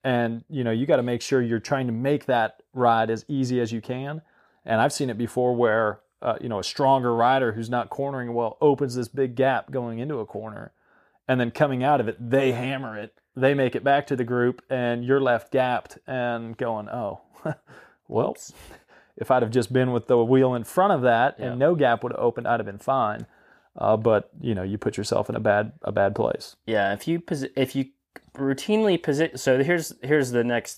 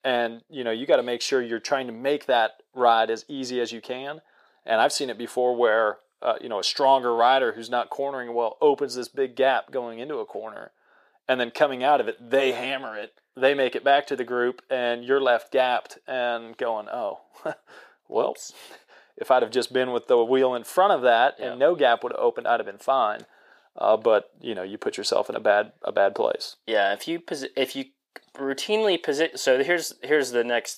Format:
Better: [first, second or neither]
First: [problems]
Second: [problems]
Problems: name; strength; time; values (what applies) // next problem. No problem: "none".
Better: first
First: none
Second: thin; somewhat; fading below 450 Hz